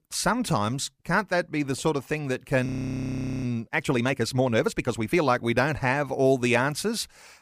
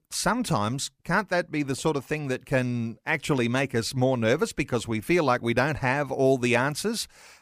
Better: second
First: audio freezing; at 2.5 s for 1 s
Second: none

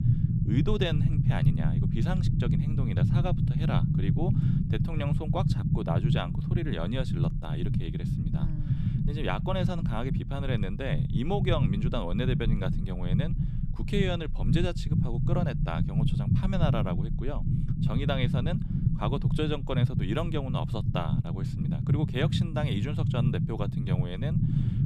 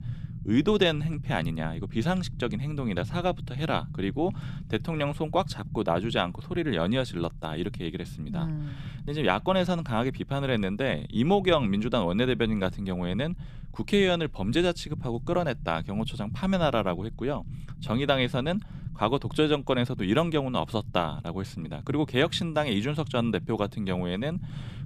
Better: second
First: low rumble; loud; throughout; 3 dB below the speech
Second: low rumble; faint; throughout; 20 dB below the speech

